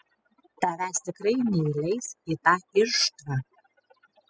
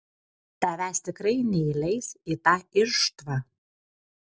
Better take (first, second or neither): second